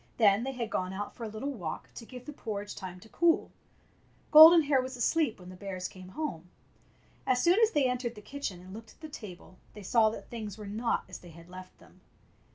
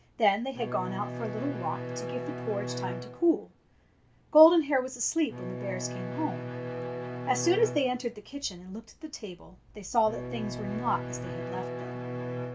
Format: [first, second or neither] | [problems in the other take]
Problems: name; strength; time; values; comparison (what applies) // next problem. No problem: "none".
first | background sound (Bowed string instrument); 7 dB below the speech